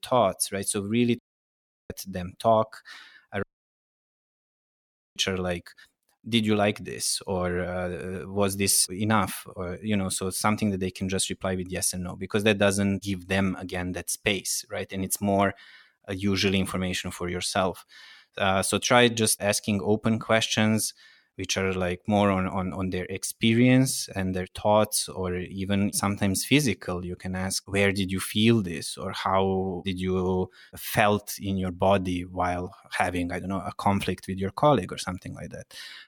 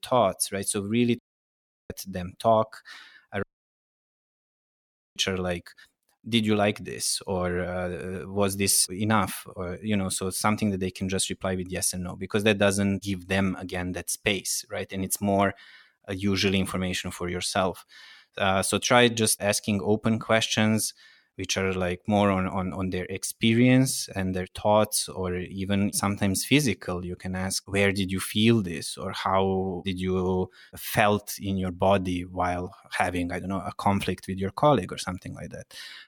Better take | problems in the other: neither | audio cutting out; at 1 s for 0.5 s and at 3.5 s for 1.5 s; the same in both

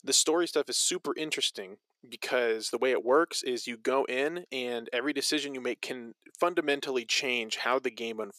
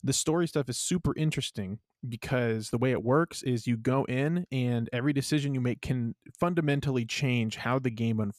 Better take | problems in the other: second | thin; very; fading below 350 Hz

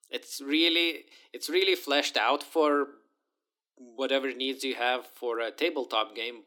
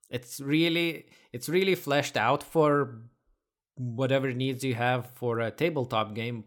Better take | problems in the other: second | thin; very slightly; fading below 250 Hz

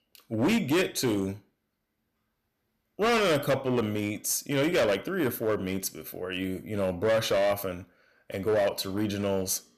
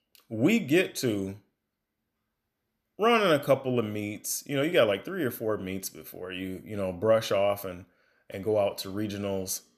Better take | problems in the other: second | distortion; heavy; 9% of the sound clipped

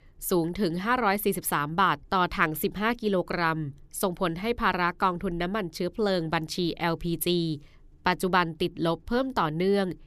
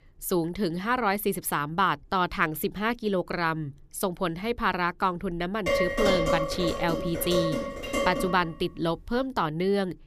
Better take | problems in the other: first | clattering dishes; loud; from 5.5 to 8.5 s; peak 4 dB above the speech

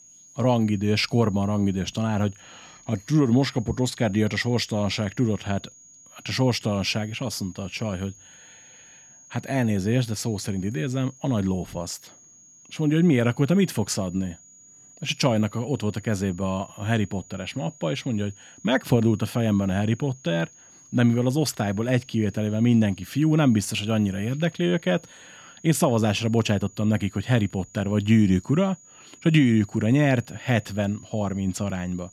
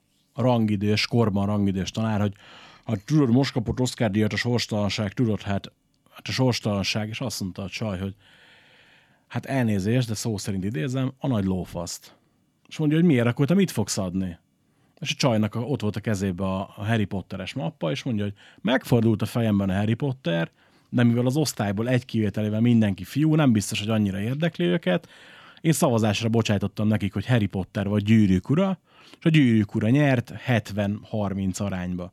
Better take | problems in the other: second | high-pitched whine; faint; throughout; 6.5 kHz, 25 dB below the speech

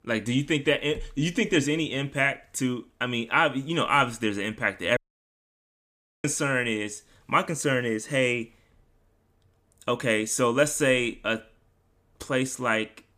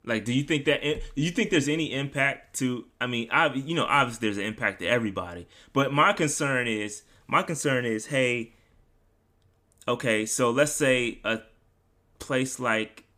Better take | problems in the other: second | audio cutting out; at 5 s for 1.5 s

